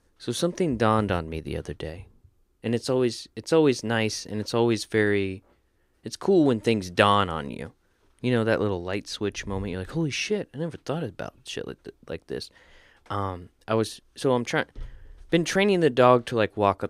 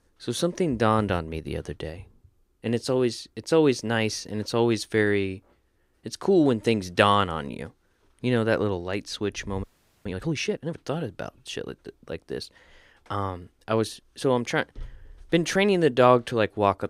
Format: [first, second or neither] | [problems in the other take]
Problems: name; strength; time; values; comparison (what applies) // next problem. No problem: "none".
first | audio freezing; at 9.5 s